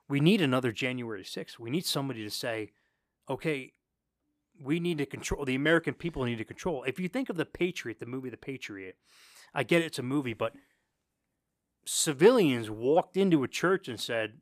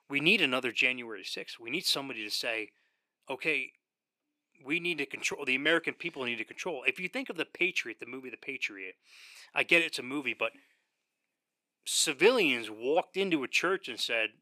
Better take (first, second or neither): first